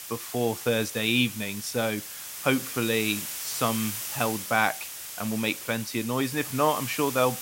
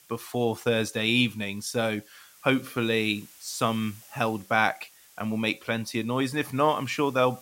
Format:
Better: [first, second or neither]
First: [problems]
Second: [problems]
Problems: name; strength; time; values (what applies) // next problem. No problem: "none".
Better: second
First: hiss; loud; throughout; 7 dB below the speech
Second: hiss; faint; throughout; 25 dB below the speech